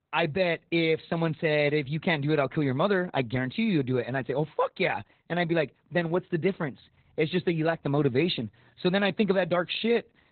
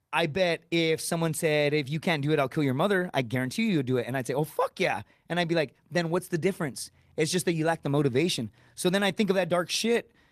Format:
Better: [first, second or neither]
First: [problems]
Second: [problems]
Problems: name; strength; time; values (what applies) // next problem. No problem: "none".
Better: second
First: garbled, watery; badly; nothing above 4 kHz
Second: garbled, watery; slightly; nothing above 14.5 kHz